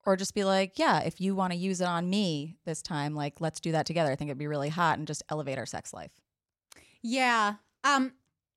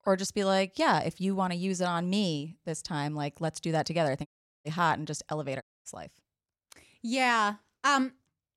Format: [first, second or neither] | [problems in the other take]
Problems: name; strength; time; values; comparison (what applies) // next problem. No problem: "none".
first | audio cutting out; at 4.5 s and at 5.5 s